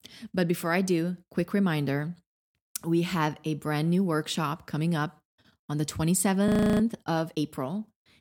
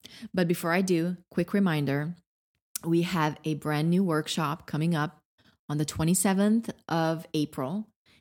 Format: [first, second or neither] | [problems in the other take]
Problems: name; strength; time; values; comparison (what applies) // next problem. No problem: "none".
second | audio freezing; at 6.5 s